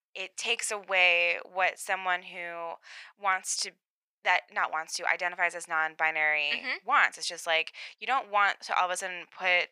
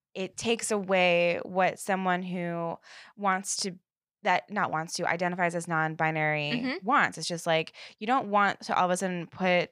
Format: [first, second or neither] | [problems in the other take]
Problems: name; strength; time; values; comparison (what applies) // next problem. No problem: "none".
second | thin; very; fading below 750 Hz